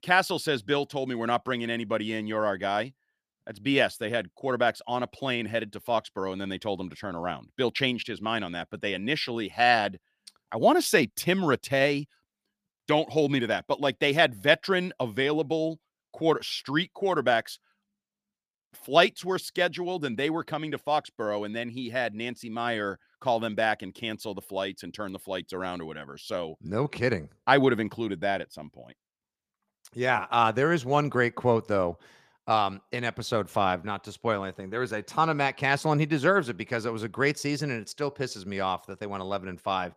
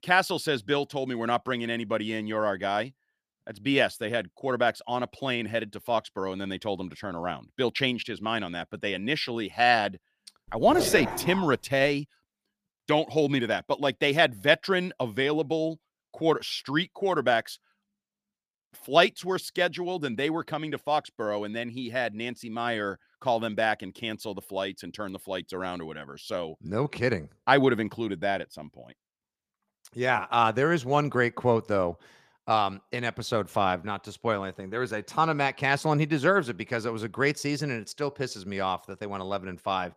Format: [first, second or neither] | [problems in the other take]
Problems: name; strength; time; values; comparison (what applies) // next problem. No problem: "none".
first | dog barking; noticeable; at 11 s; peak 3 dB below the speech